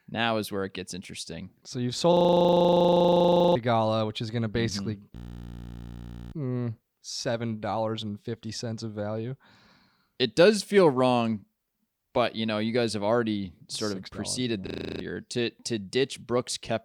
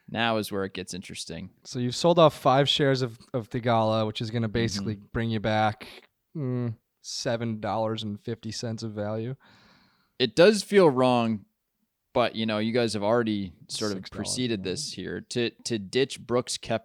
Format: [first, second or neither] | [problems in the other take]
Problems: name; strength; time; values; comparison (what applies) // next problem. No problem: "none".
second | audio freezing; at 2 s for 1.5 s, at 5 s for 1 s and at 15 s